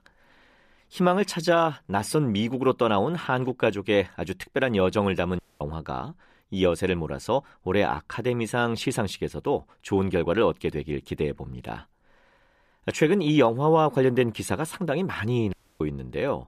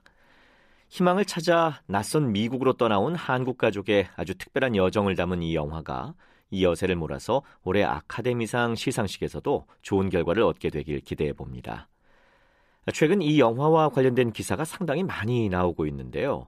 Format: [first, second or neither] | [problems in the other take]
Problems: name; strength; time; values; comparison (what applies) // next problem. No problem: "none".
second | audio cutting out; at 5.5 s and at 16 s